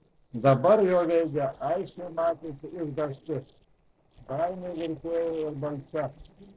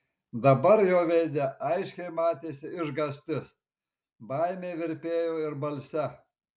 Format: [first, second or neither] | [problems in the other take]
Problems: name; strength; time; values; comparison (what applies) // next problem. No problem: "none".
second | noise reduction (neural separator model SepFormer DNS4)